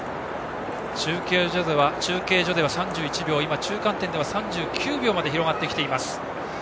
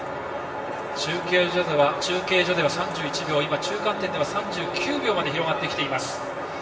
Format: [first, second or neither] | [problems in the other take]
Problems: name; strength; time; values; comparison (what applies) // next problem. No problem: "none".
first | room echo; dies away in 0.9 s